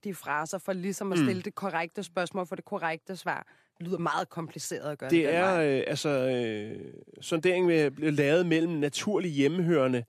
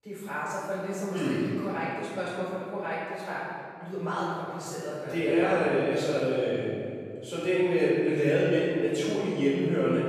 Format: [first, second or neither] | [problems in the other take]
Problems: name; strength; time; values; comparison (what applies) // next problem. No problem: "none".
first | off-mic speech; far // room echo; strong; dies away in 2.1 s